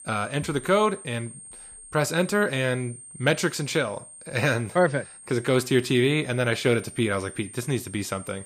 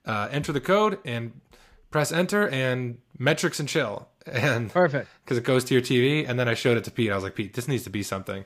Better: second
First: high-pitched whine; noticeable; throughout; 8.5 kHz, 15 dB below the speech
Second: none

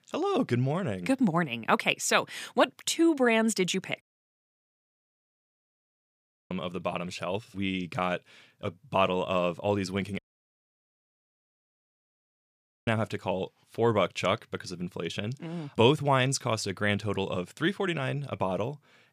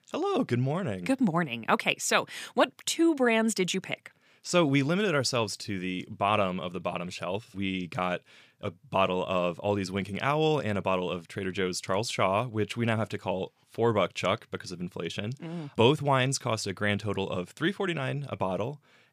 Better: second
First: audio cutting out; at 4 s for 2.5 s and at 10 s for 2.5 s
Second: none

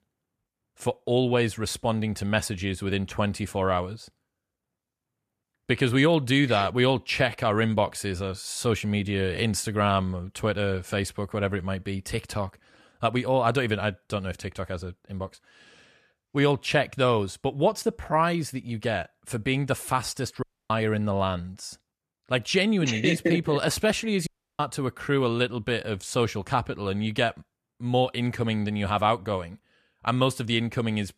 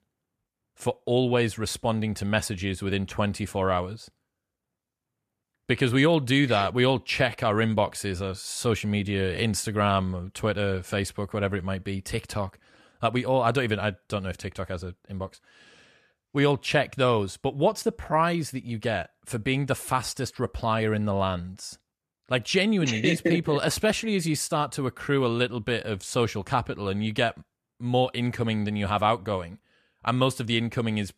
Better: second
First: audio cutting out; at 20 s and at 24 s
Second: none

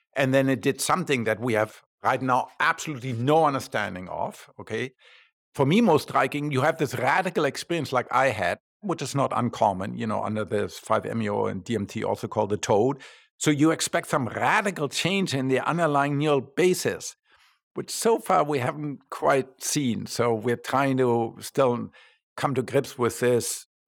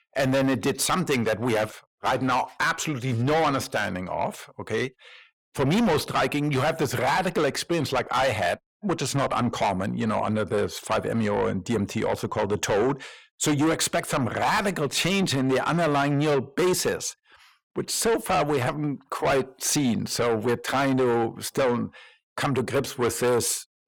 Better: first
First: none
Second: distortion; heavy; 7 dB below the speech

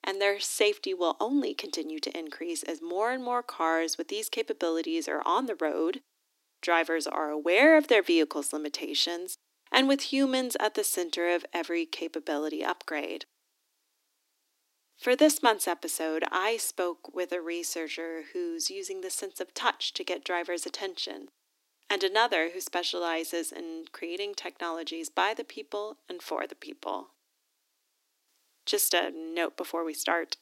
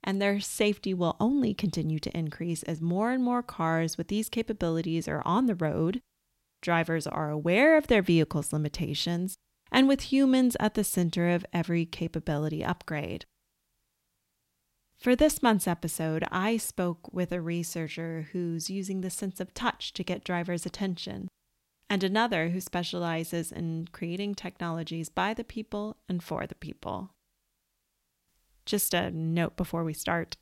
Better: second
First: thin; somewhat; fading below 300 Hz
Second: none

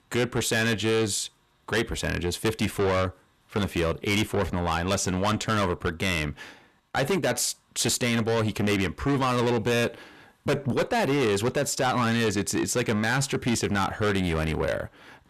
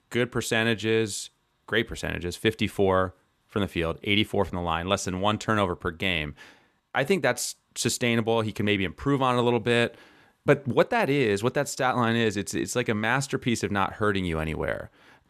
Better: second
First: distortion; heavy; 6 dB below the speech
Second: none

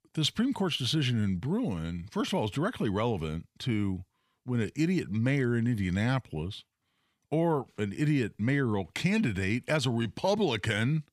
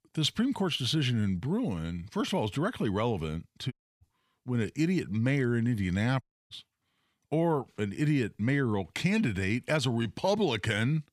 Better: first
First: none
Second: audio cutting out; at 3.5 s and at 6 s

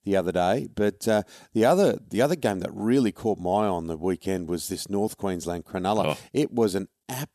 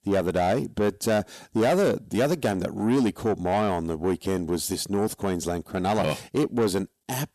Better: first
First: none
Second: distortion; slight; 10 dB below the speech

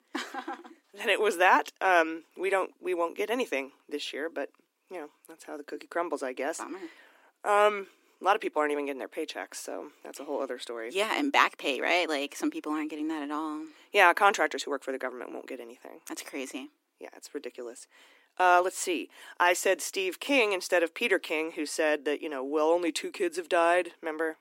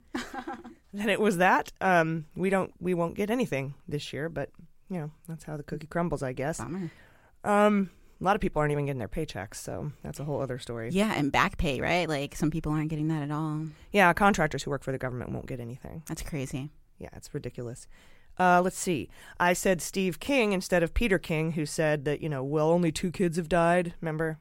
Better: second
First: thin; somewhat; fading below 250 Hz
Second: none

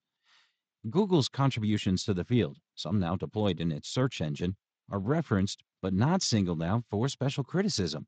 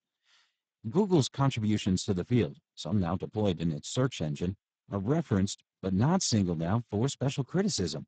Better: first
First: garbled, watery; slightly; nothing above 7.5 kHz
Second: garbled, watery; badly; nothing above 8 kHz

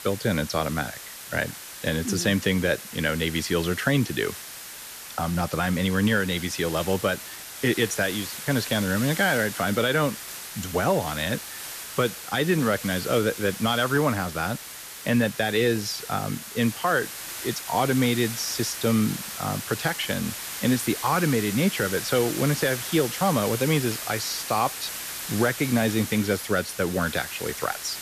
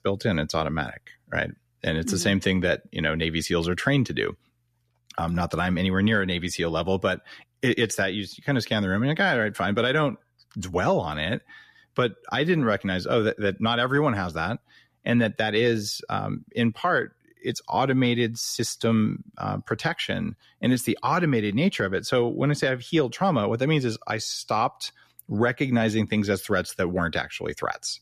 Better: second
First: hiss; loud; throughout; 8 dB below the speech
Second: none

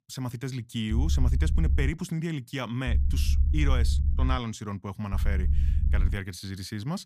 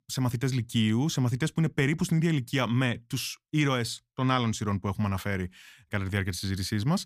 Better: second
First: low rumble; loud; at 1 s, from 3 to 4.5 s and from 5 to 6 s; 10 dB below the speech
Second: none

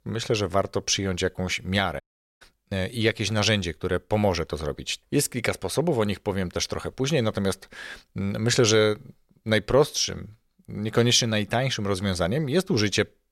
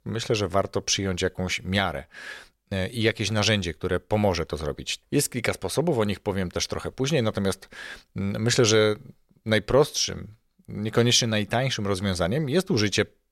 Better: second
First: audio cutting out; at 2 s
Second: none

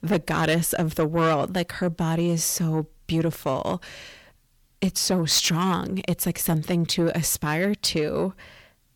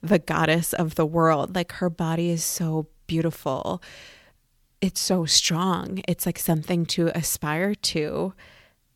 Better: second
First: distortion; slight; 10 dB below the speech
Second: none

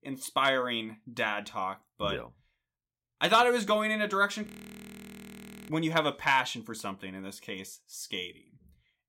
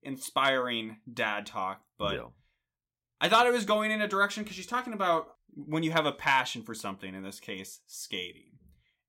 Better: second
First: audio freezing; at 4.5 s for 1 s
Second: none

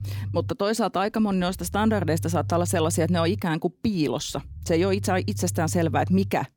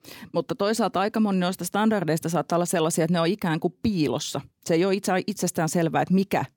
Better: second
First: low rumble; faint; throughout; 20 dB below the speech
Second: none

